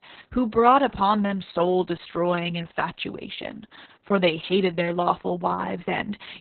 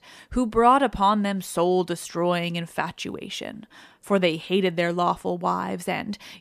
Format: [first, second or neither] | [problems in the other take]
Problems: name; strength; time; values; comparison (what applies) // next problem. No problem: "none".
second | garbled, watery; badly; nothing above 4 kHz